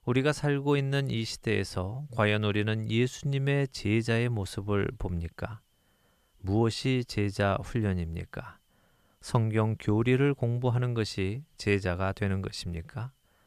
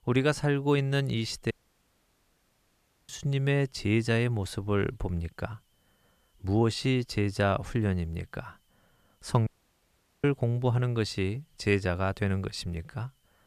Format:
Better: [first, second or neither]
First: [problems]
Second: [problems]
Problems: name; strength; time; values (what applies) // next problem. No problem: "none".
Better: first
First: none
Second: audio cutting out; at 1.5 s for 1.5 s and at 9.5 s for 1 s